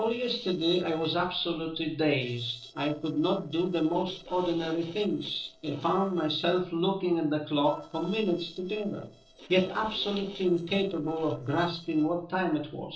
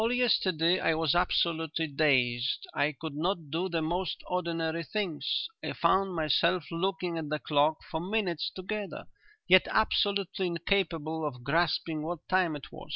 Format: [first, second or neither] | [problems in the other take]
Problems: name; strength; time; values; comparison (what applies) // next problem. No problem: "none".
second | noise reduction (neural separator model SepFormer DNS4)